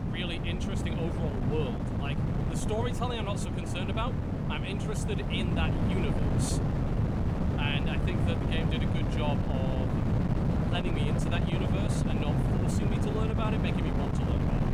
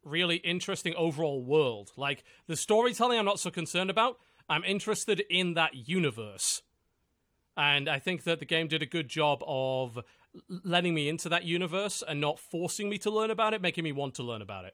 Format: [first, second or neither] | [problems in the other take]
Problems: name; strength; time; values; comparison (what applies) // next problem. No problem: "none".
second | wind noise on the microphone; heavy; 1 dB above the speech